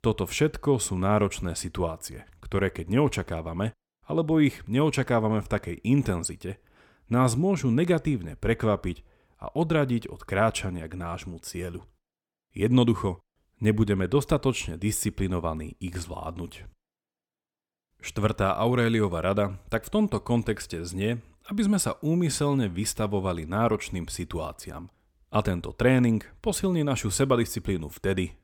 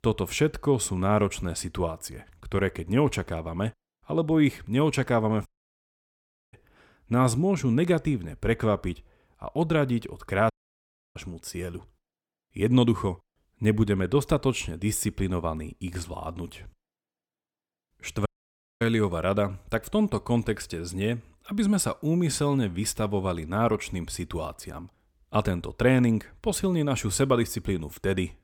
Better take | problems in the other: first | audio cutting out; at 5.5 s for 1 s, at 11 s for 0.5 s and at 18 s for 0.5 s

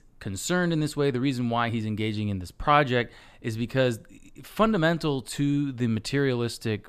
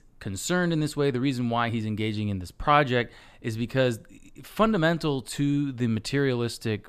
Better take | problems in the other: neither | none

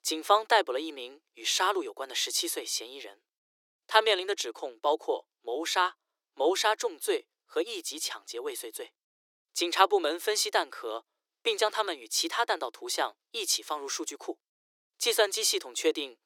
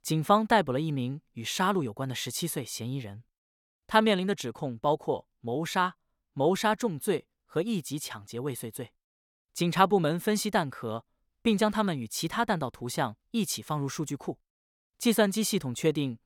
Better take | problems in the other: second | thin; very; fading below 350 Hz

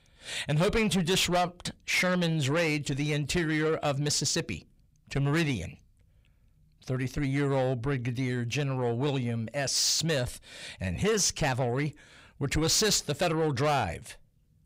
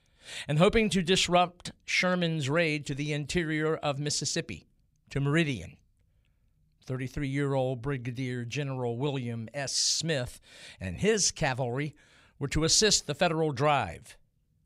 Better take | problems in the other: second | distortion; heavy; 8 dB below the speech

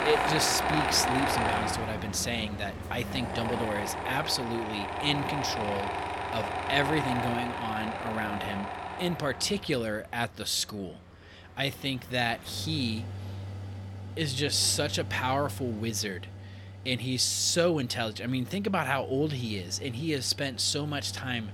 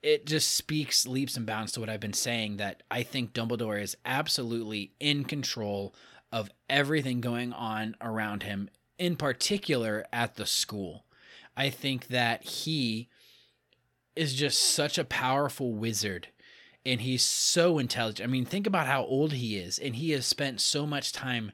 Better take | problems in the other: second | machinery noise; loud; throughout; 4 dB below the speech

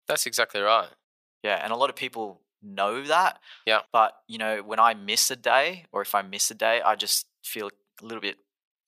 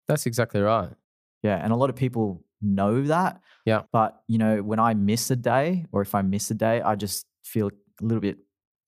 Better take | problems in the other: second | thin; very; fading below 750 Hz

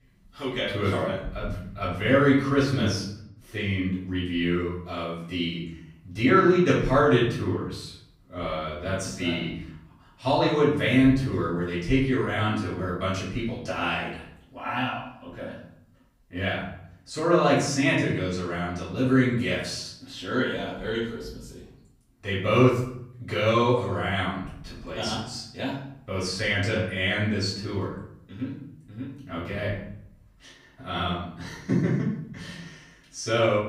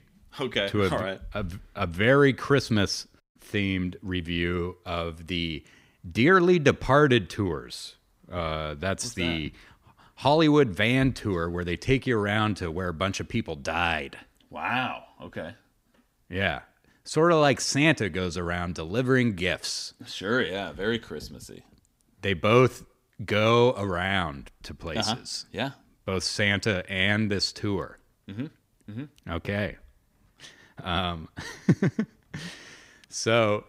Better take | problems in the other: second | room echo; noticeable; dies away in 0.6 s // off-mic speech; far

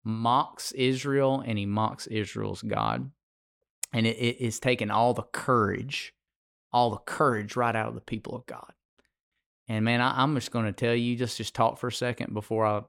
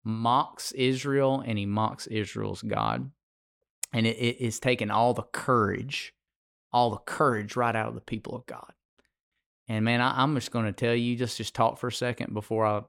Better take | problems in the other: neither | none

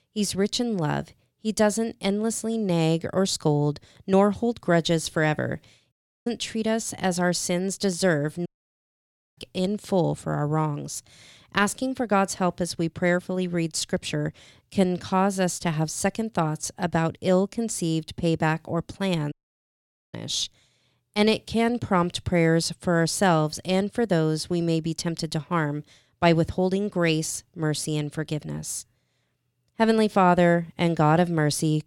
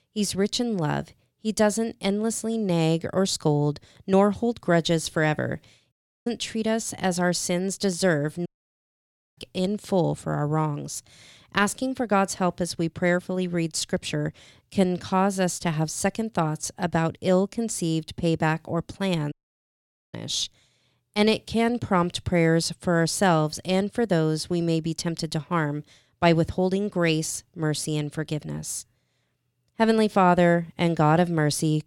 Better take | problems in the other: neither | audio cutting out; at 6 s, at 8.5 s for 1 s and at 19 s for 1 s; the same in both

